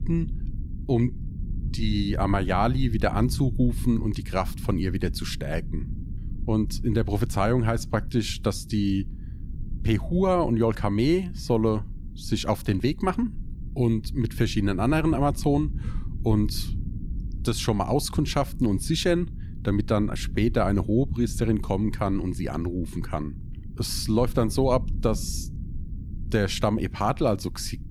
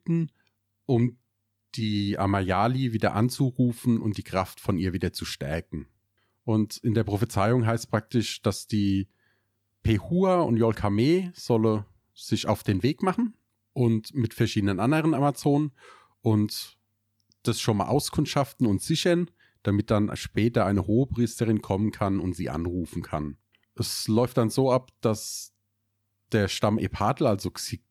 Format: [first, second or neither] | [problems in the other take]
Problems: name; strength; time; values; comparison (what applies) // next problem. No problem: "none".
second | low rumble; noticeable; throughout; 20 dB below the speech